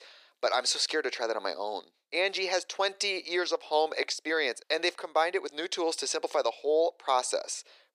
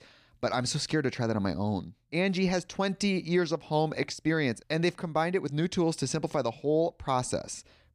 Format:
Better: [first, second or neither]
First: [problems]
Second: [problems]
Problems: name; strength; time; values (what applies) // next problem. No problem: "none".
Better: second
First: thin; very; fading below 400 Hz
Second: none